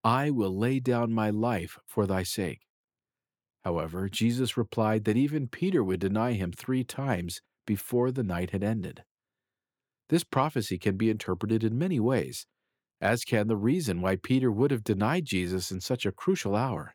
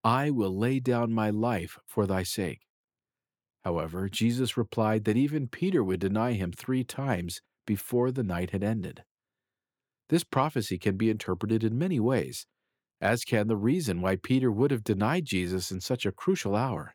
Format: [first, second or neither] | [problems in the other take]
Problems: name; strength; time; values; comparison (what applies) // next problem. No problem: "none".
neither | none